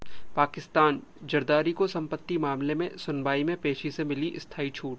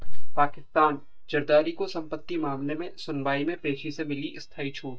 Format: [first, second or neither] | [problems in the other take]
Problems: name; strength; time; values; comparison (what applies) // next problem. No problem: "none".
first | noise reduction (neural mask model DeepFilterNet 3)